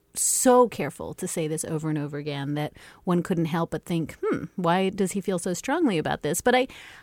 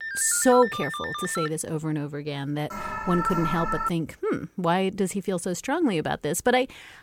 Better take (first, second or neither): first